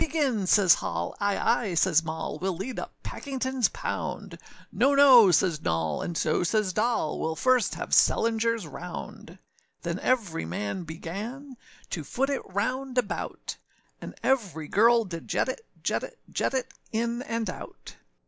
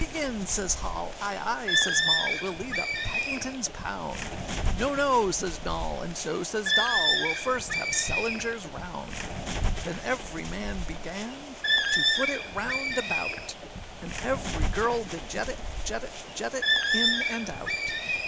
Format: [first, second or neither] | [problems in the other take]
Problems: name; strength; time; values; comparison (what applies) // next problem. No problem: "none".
first | background sound (Bird); 2 dB above the speech